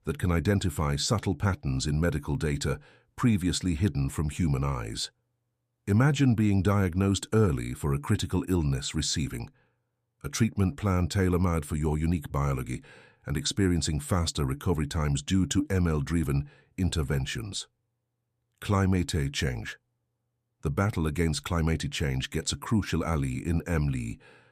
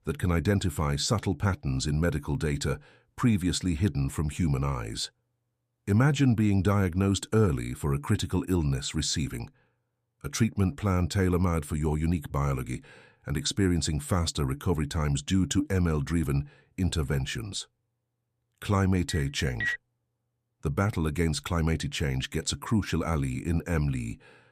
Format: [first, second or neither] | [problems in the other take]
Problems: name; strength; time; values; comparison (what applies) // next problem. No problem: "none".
first | phone ringing; noticeable; at 19 s; peak 3 dB below the speech